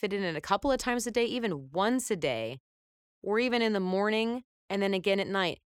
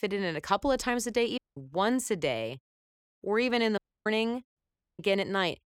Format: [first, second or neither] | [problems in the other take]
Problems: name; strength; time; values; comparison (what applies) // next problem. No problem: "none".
first | audio cutting out; at 1.5 s, at 4 s and at 4.5 s